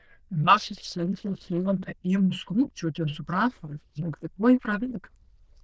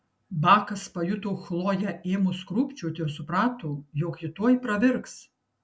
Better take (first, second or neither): second